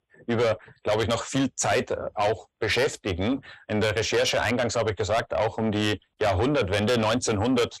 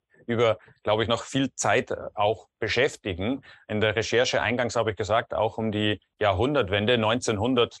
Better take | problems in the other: second | distortion; heavy; 8 dB below the speech

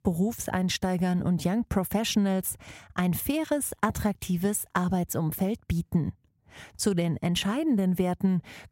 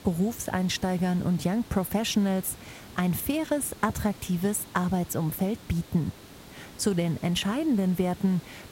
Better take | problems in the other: first | hiss; noticeable; throughout; 20 dB below the speech

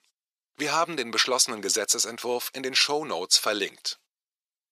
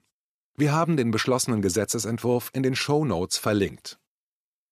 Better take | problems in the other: second | thin; very; fading below 550 Hz

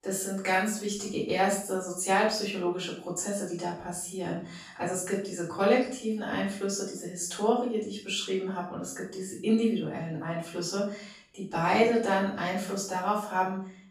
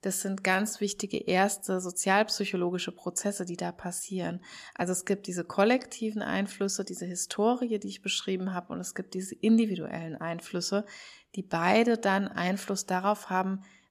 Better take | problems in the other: second | off-mic speech; far // room echo; noticeable; dies away in 0.5 s

